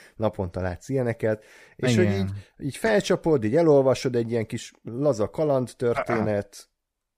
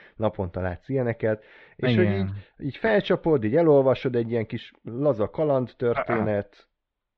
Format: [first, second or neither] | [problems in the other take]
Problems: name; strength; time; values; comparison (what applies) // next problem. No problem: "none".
first | muffled; very; fading above 3.5 kHz